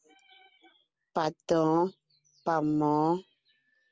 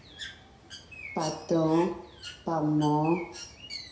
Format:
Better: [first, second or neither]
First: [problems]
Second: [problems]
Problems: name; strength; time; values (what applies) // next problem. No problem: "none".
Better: first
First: none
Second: background sound (Bird); 15 dB below the speech // room echo; dies away in 0.6 s